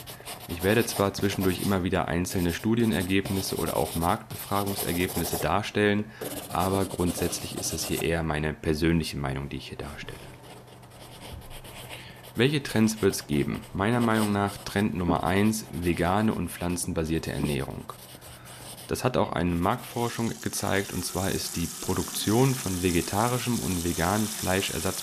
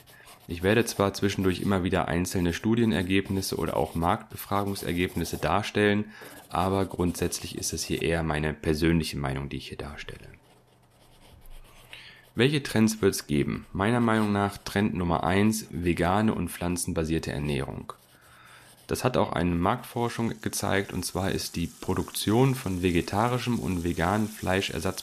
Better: second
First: household noises; loud; throughout; 9 dB below the speech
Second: household noises; faint; throughout; 20 dB below the speech

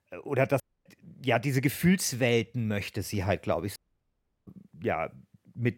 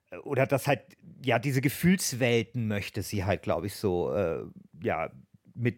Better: second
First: audio cutting out; at 0.5 s and at 4 s for 0.5 s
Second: none

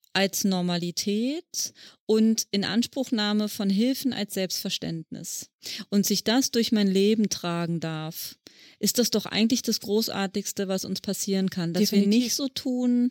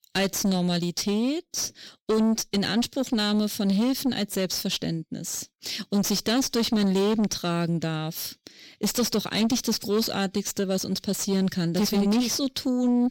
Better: first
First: none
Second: distortion; slight; 10 dB below the speech

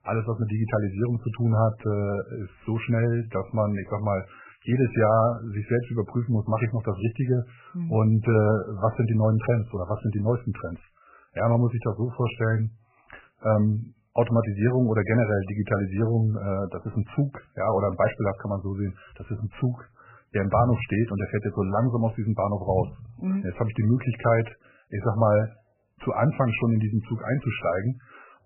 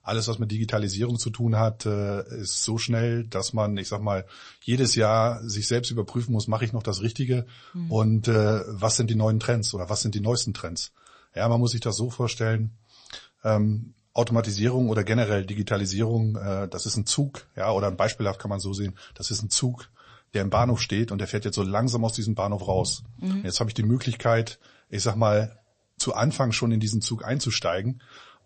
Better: second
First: garbled, watery; badly; nothing above 3 kHz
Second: garbled, watery; slightly; nothing above 8 kHz

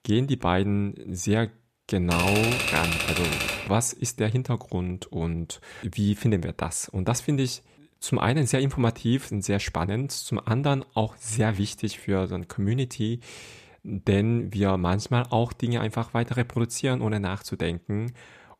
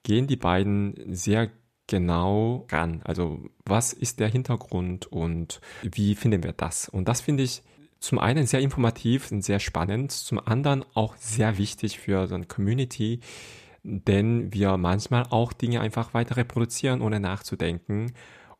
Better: second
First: keyboard typing; loud; from 2 to 3.5 s; peak 2 dB above the speech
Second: none

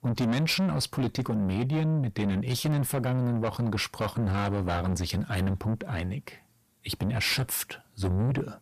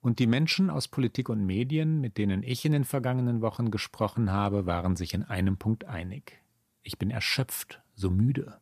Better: second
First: distortion; heavy; 7 dB below the speech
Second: none

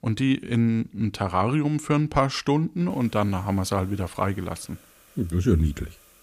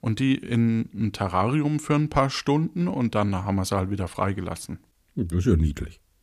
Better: second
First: hiss; faint; from 3 s on; 25 dB below the speech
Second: none

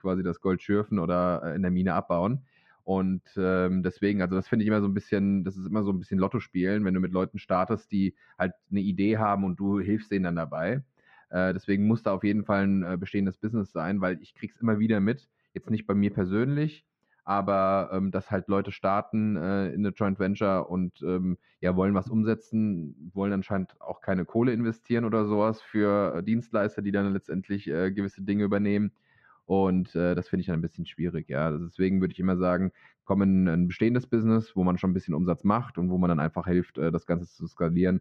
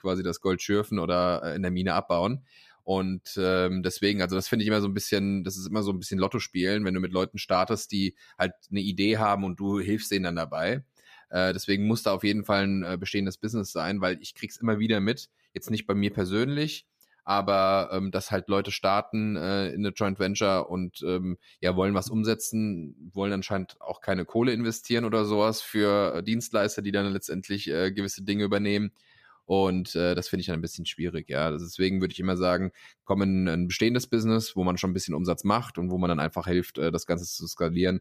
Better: second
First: muffled; very; fading above 1.5 kHz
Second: none

